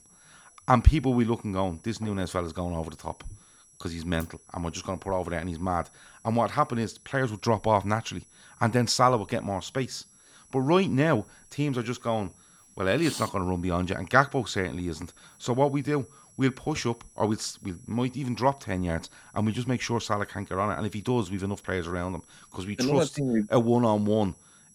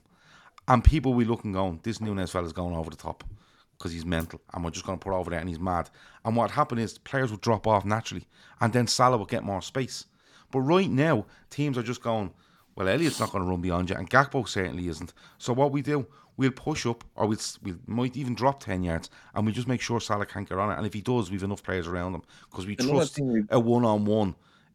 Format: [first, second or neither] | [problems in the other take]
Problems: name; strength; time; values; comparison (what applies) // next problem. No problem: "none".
second | high-pitched whine; faint; throughout; 11 kHz, 25 dB below the speech